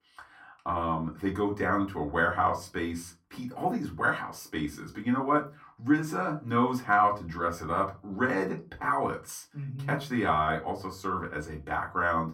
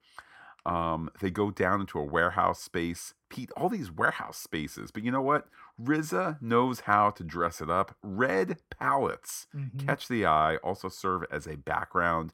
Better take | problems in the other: second | off-mic speech; far // room echo; very slight; dies away in 0.2 s

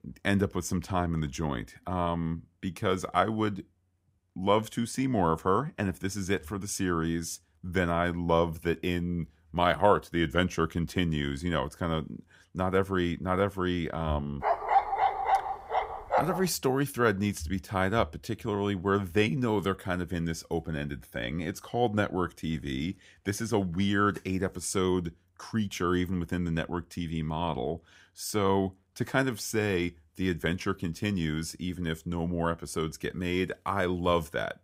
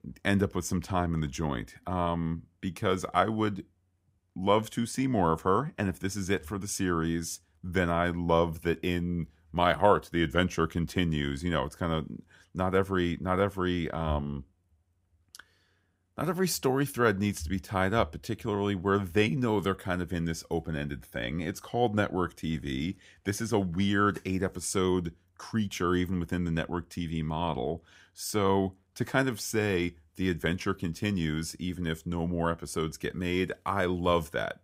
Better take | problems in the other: second | dog barking; loud; from 14 to 16 s; peak 4 dB above the speech

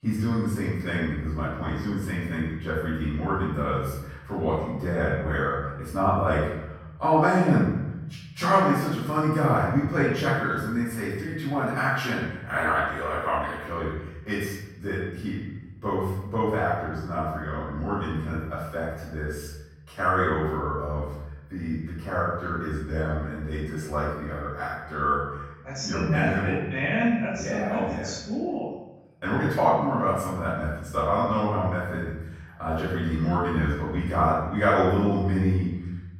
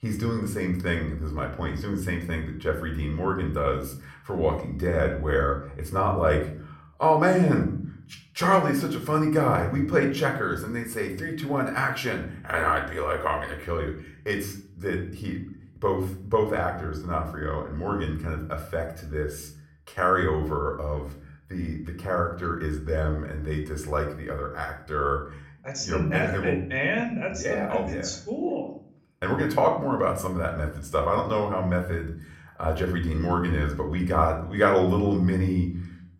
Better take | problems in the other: second | room echo; strong; dies away in 1 s; slight in the second // off-mic speech; far

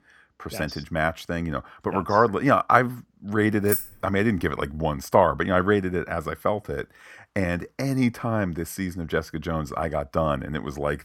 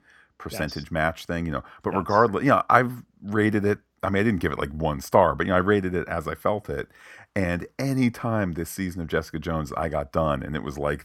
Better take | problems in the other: second | jangling keys; noticeable; at 3.5 s; peak 2 dB below the speech

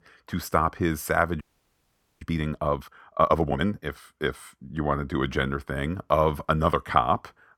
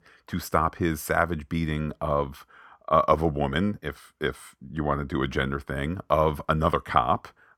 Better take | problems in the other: second | audio freezing; at 1.5 s for 1 s

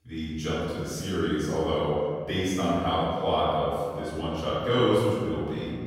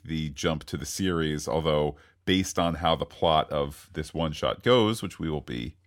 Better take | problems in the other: second | room echo; strong; dies away in 1.8 s // off-mic speech; far

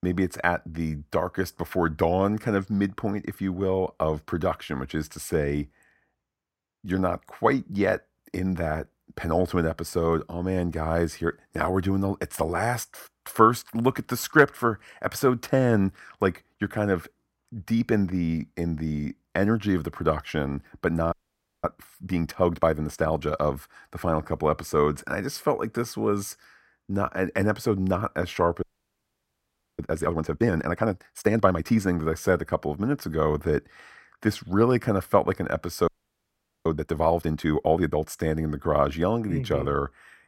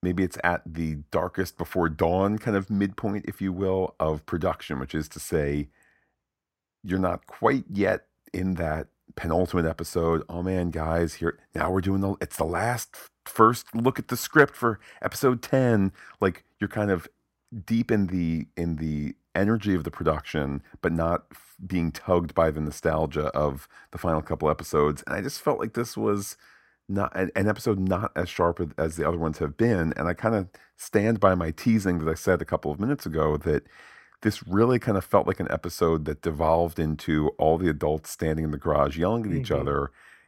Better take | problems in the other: second | audio freezing; at 21 s for 0.5 s, at 29 s for 1 s and at 36 s for 1 s

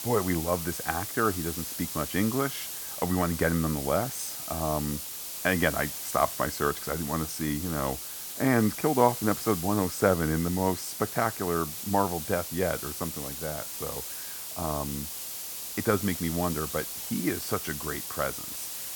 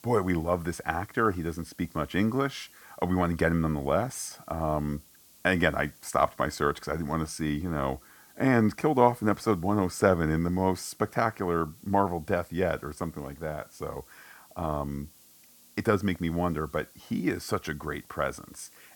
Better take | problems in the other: second | hiss; loud; throughout; 5 dB below the speech; faint in the second

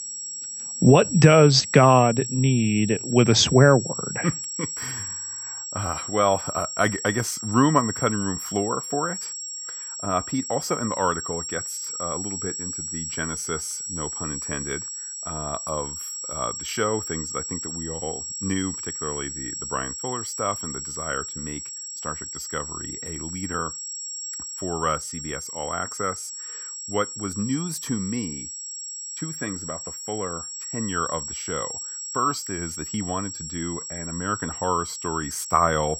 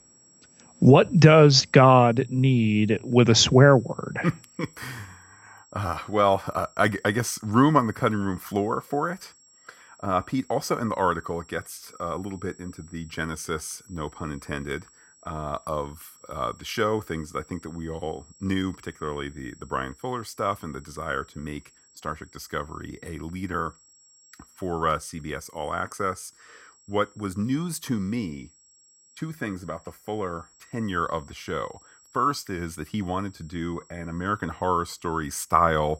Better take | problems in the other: second | high-pitched whine; loud; throughout; 7.5 kHz, 6 dB below the speech; faint in the second

